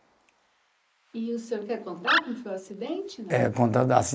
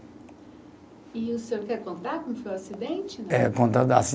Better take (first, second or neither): second